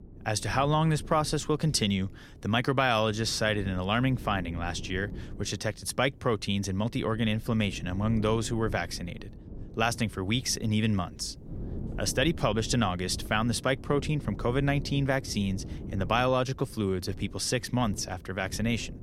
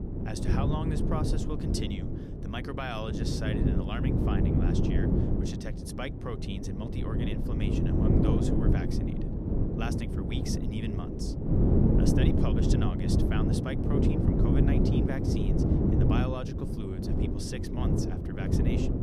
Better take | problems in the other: first | wind noise on the microphone; heavy; 4 dB above the speech; occasional gusts in the first

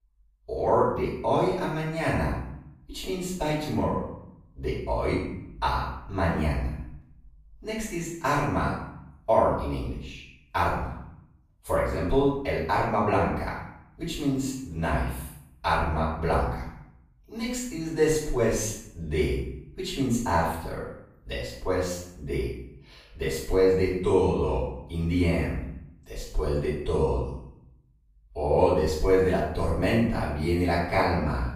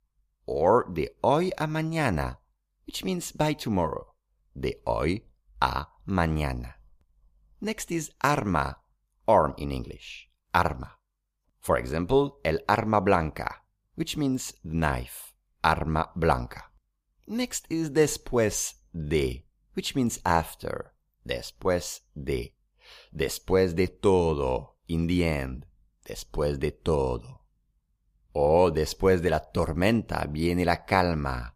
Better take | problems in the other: second | off-mic speech; far // room echo; noticeable; dies away in 0.7 s

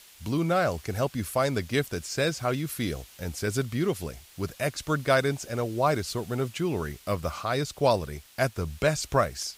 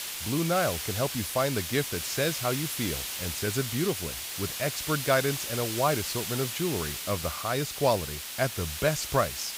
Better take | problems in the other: first | hiss; loud; throughout; 3 dB below the speech; faint in the first

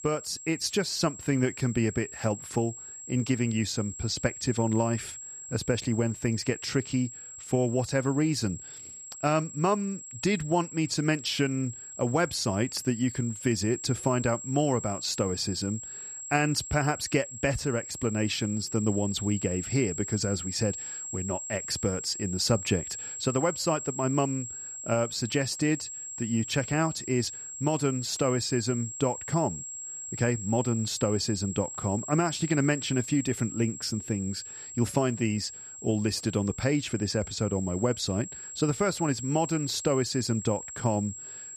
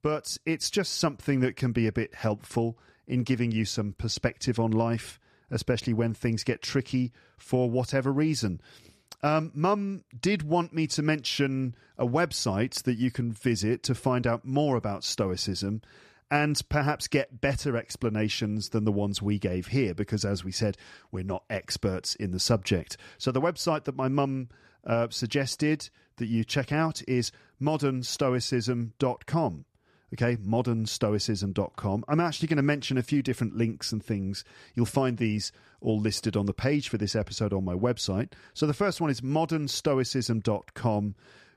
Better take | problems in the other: second | high-pitched whine; loud; throughout; 7.5 kHz, 9 dB below the speech

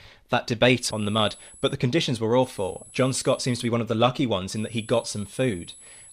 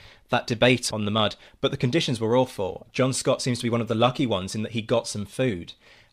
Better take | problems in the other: second | high-pitched whine; faint; at 1 s, from 2.5 to 3.5 s and from 4.5 s on; 10.5 kHz, 20 dB below the speech

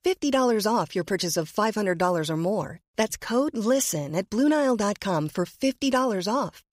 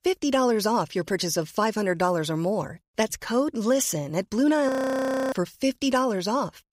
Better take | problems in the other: first | audio freezing; at 4.5 s for 0.5 s

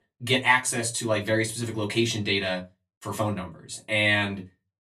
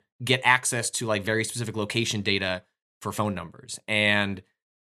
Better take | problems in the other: second | off-mic speech; far // room echo; very slight; dies away in 0.2 s

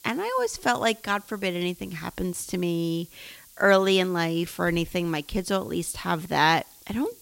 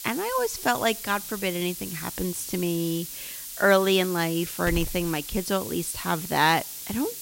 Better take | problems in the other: first | hiss; loud; throughout; 8 dB below the speech; faint in the first

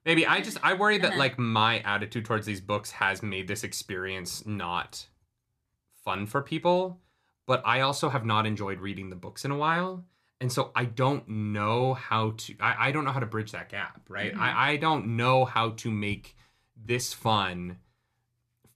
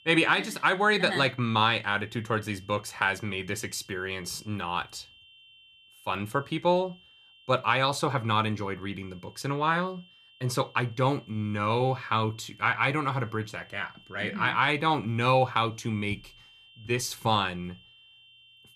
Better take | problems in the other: first | high-pitched whine; faint; throughout; 3 kHz, 25 dB below the speech

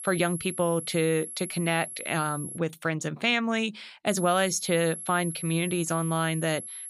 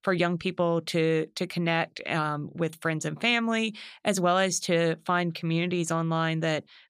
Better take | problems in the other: second | high-pitched whine; loud; until 2.5 s and from 4 s on; 11 kHz, 9 dB below the speech

